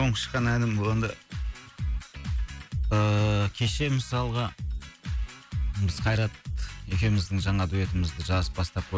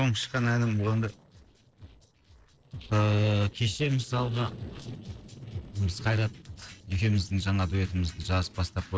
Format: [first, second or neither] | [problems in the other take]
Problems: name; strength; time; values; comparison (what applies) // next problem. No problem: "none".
first | noise reduction (neural separator model SepFormer DNS4)